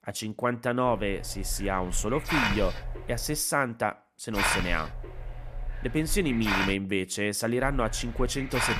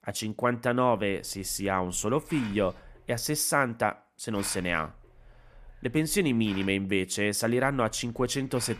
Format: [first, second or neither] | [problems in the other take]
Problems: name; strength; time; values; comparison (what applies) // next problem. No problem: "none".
second | hiss; loud; from 1 to 3.5 s, from 4.5 to 6.5 s and from 7.5 s on; 4 dB below the speech; faint in the second